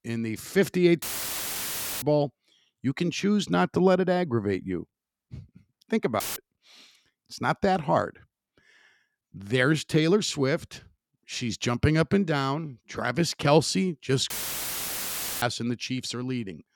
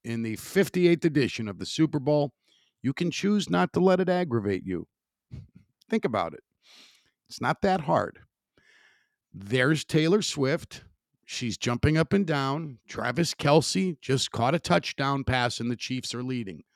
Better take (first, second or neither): second